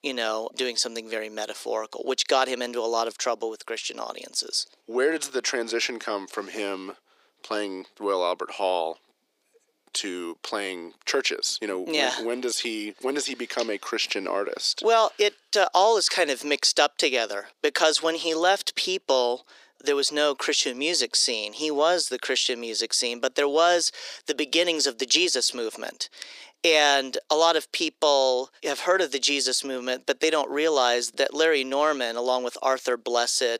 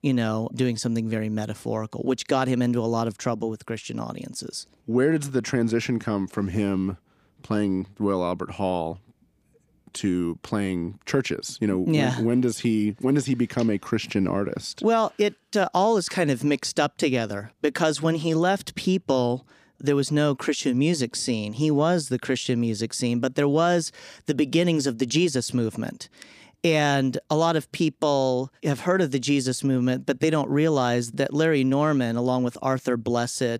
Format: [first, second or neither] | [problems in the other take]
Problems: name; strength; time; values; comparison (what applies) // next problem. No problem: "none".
second | thin; very; fading below 400 Hz